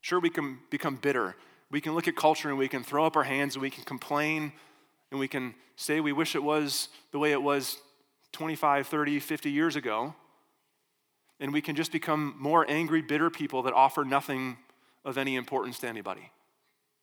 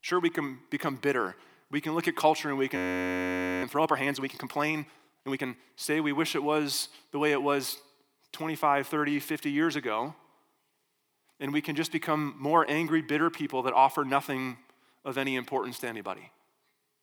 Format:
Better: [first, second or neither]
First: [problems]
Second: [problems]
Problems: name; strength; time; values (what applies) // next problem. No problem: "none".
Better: first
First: none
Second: audio freezing; at 3 s for 1 s